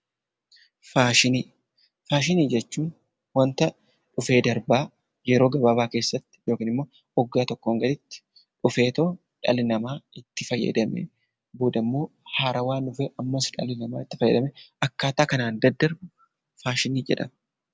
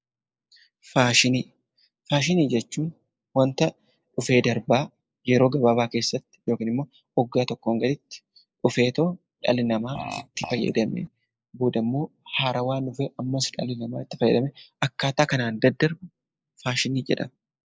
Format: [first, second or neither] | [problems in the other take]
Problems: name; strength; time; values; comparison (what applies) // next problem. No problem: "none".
first | noise reduction (neural mask model Resemble Enhance denoiser)